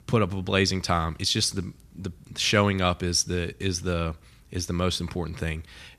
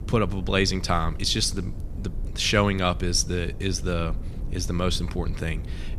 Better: first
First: none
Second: low rumble; faint; throughout; 20 dB below the speech

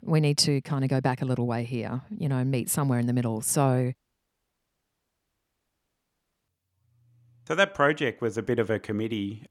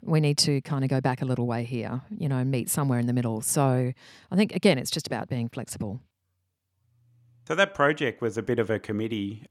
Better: second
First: audio cutting out; at 4 s for 2.5 s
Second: none

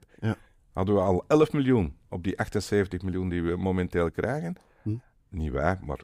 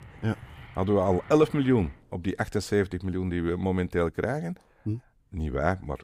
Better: first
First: none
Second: train or aircraft noise; noticeable; until 1.5 s; 20 dB below the speech

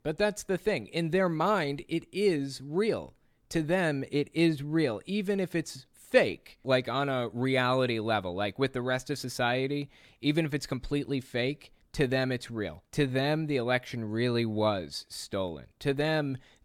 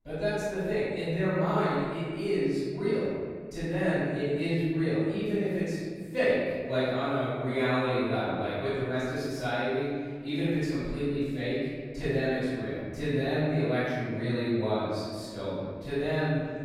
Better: first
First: none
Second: off-mic speech; far // room echo; strong; dies away in 1.9 s

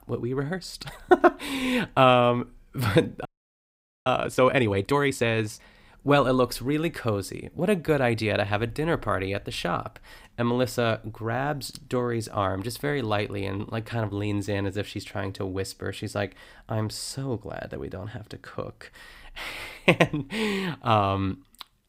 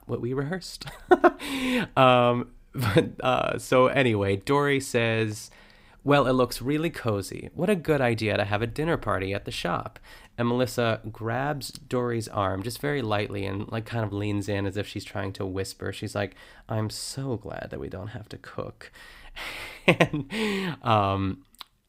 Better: second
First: audio freezing; at 3.5 s for 1 s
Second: none

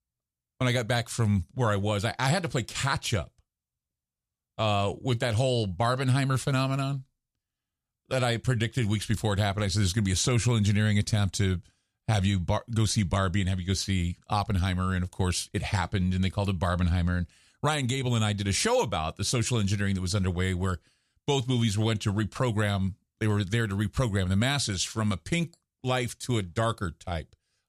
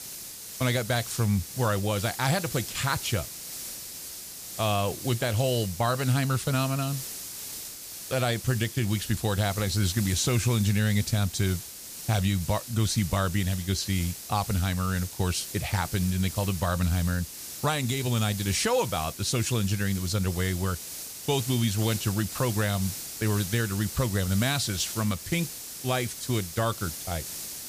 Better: first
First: none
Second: hiss; loud; throughout; 9 dB below the speech

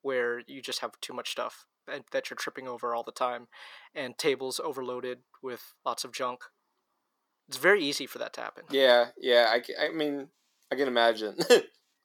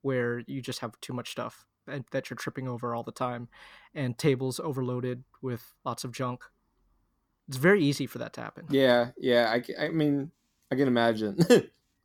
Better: second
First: thin; somewhat; fading below 500 Hz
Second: none

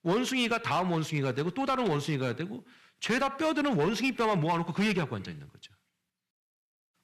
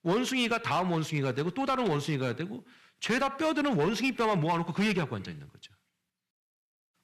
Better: neither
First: distortion; slight; 6% of the sound clipped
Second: distortion; slight; 6% of the sound clipped

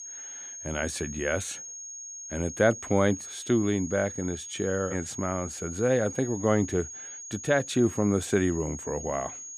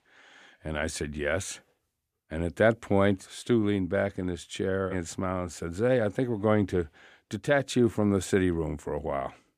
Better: second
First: high-pitched whine; loud; throughout; 6.5 kHz, 10 dB below the speech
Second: none

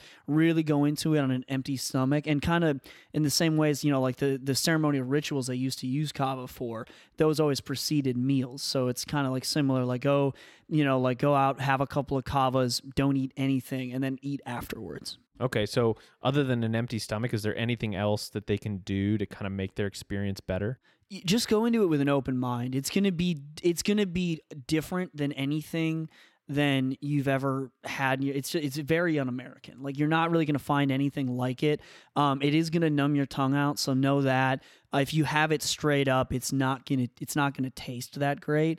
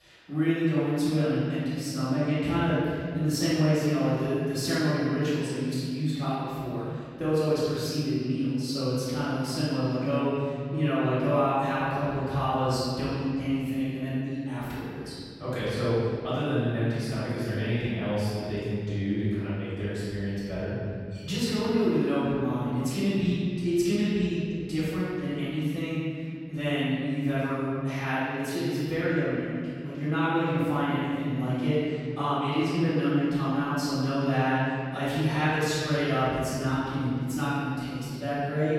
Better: first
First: none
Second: off-mic speech; far // room echo; strong; dies away in 2.5 s

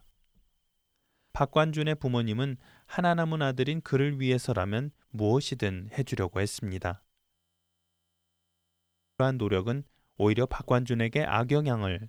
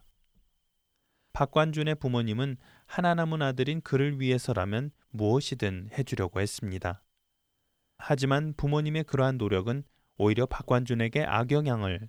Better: second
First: audio freezing; at 7.5 s for 2 s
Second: none

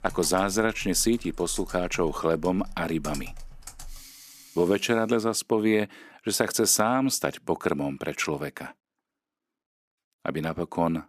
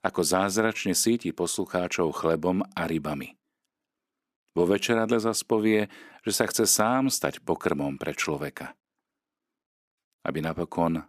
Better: second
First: household noises; noticeable; until 4.5 s; 20 dB below the speech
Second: none

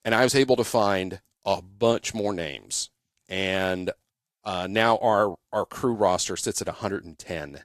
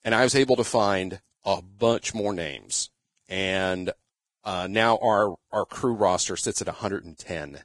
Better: first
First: garbled, watery; slightly; nothing above 14 kHz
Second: garbled, watery; badly

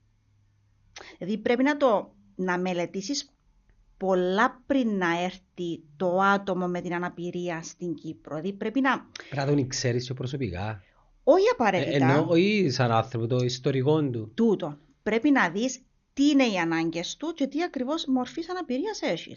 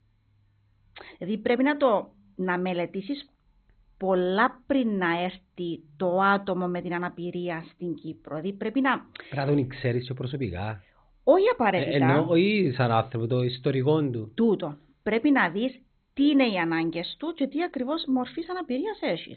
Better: first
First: garbled, watery; slightly; nothing above 6.5 kHz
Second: garbled, watery; badly; nothing above 4 kHz

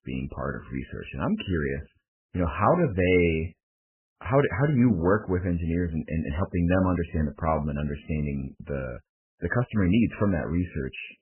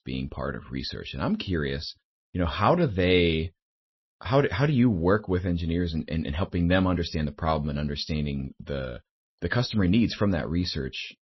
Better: second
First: garbled, watery; badly; nothing above 3 kHz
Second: garbled, watery; slightly; nothing above 5.5 kHz

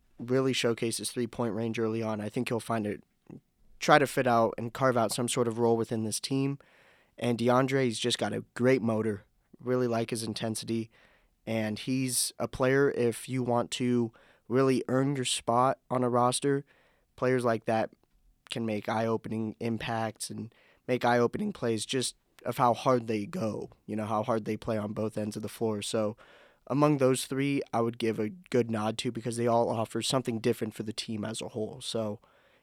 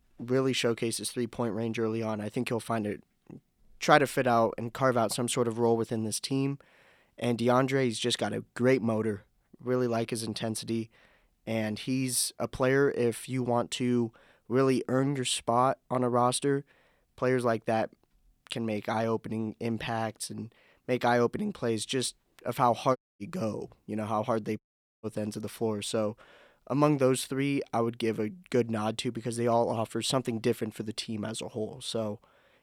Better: first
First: none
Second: audio cutting out; at 23 s and at 25 s

